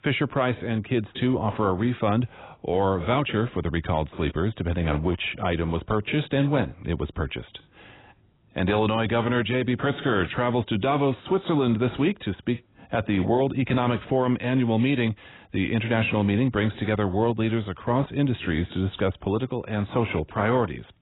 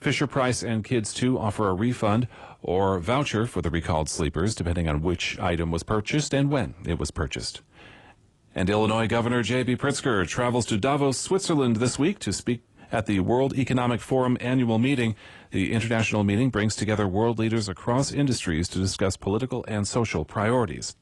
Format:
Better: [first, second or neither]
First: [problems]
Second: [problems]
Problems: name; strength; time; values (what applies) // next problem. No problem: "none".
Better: second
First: garbled, watery; badly; nothing above 4 kHz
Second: garbled, watery; slightly